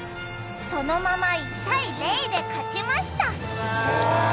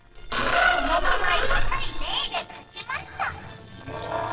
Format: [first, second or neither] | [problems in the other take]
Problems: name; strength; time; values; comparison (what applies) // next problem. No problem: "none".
first | noise reduction (neural separator model SepFormer DNS4)